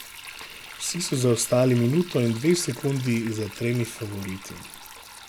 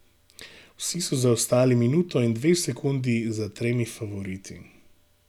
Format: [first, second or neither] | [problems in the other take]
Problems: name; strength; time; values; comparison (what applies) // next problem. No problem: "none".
second | background sound (Sink (filling or washing)); 16 dB below the speech